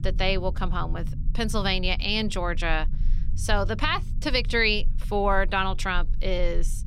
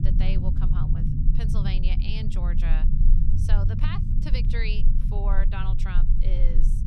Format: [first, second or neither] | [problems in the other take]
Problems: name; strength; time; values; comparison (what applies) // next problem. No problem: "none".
first | low rumble; loud; throughout; 3 dB below the speech; faint in the first